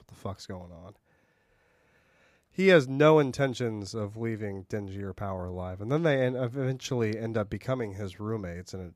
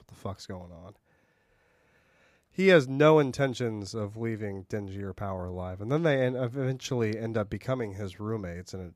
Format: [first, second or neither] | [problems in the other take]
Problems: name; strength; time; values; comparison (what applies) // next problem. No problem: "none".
neither | none